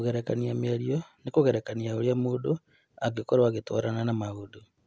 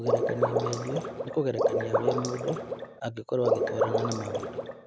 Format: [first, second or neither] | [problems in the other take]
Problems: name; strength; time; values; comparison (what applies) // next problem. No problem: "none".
first | background sound (Water / Liquid); 4 dB above the speech